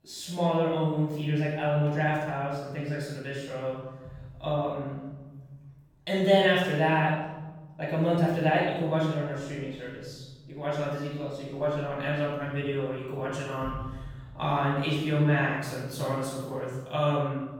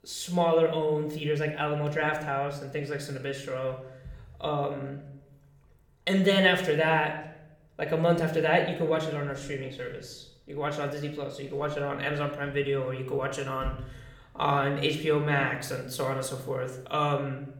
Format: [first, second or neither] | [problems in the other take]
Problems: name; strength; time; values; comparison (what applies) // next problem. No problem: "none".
second | room echo; strong; dies away in 1.4 s; slight in the second // off-mic speech; far; somewhat distant in the second